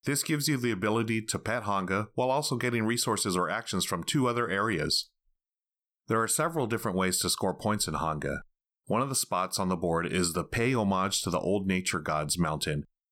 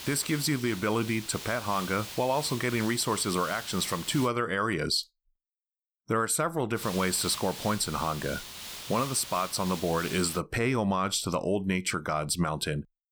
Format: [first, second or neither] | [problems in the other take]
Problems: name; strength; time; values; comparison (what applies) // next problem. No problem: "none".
first | hiss; noticeable; until 4.5 s and from 7 to 10 s; 10 dB below the speech